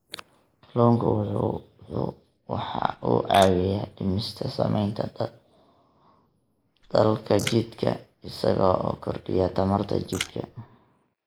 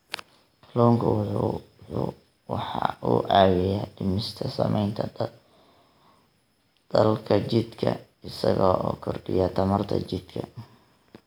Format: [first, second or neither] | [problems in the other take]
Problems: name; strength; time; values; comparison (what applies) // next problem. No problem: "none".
second | noise reduction (neural mask model Resemble Enhance denoiser)